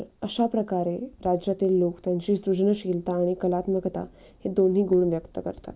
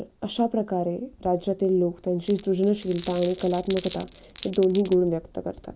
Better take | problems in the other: first | background sound (Glass); 20 dB below the speech

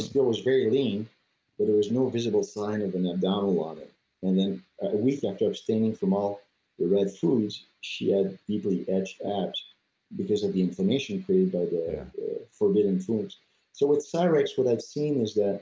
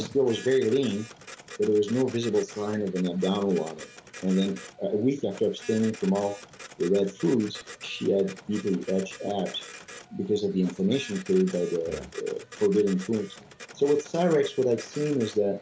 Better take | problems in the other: first | background sound (Printer); 18 dB below the speech

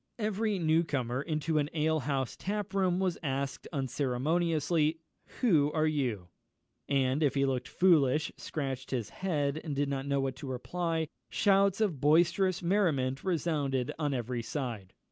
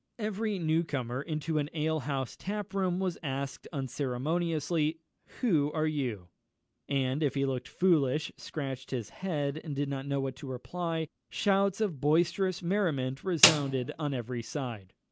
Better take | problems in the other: first | background sound (Snare drum); 1 dB above the speech

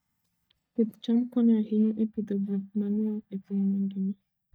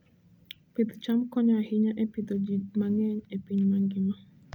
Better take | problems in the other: second | noise reduction (neural mask model DeepFilterNet 3)

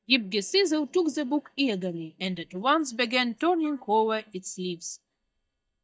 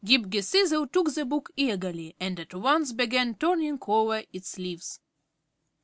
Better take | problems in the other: second | noise reduction (neural mask model DeepFilterNet 3)

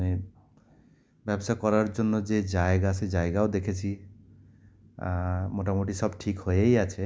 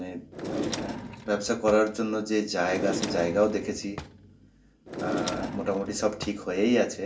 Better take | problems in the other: first | background sound (Drawer open or close); 8 dB below the speech // room echo; dies away in 0.2 s

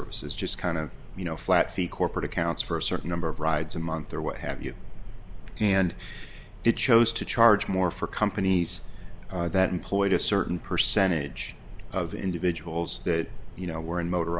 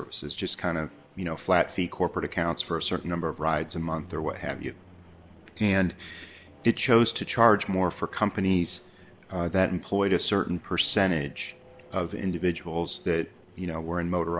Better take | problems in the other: first | noise reduction (neural separator model SepFormer DNS4)

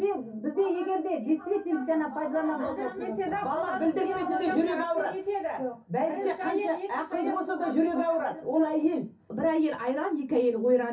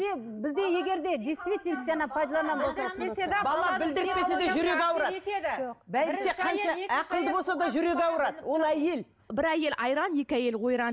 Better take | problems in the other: second | room echo; dies away in 0.3 s

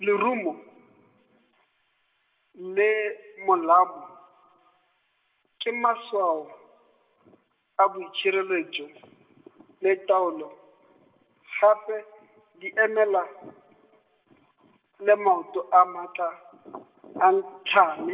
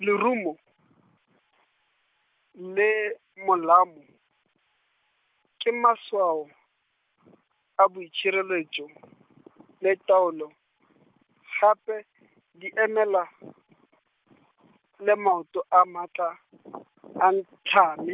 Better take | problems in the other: second | room echo; dies away in 0.6 s

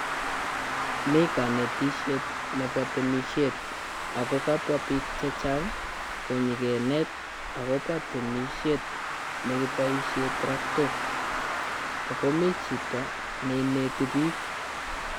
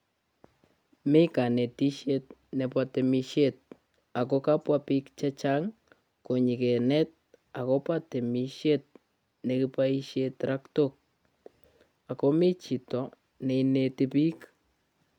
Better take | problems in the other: second | background sound (Traffic noise, roadway noise); 3 dB below the speech

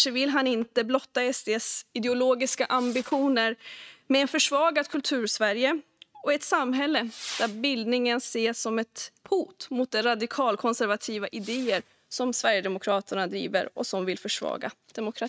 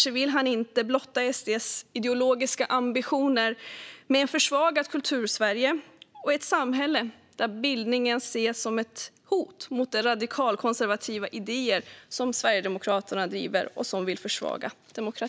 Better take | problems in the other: second | noise reduction (neural mask model RNNoise)

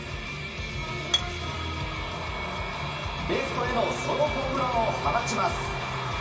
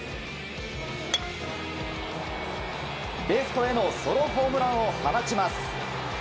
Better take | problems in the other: second | room echo; dies away in 2.6 s

